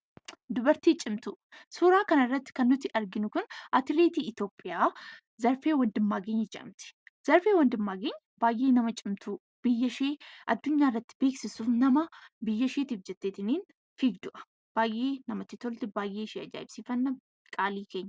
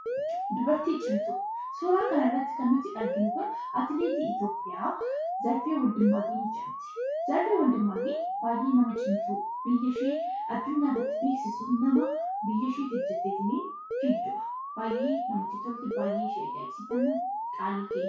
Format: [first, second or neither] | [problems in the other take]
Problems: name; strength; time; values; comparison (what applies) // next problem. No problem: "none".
first | noise reduction (classical method WPE with log-MMSE)